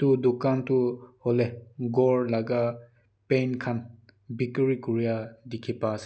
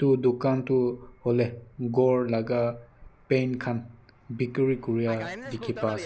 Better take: first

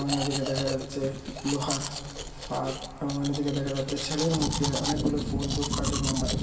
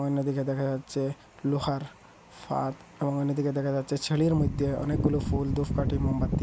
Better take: second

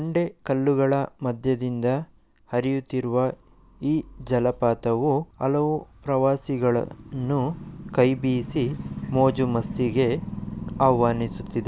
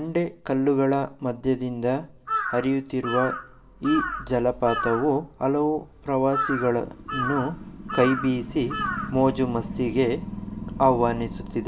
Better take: first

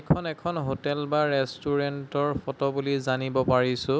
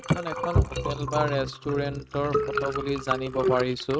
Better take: first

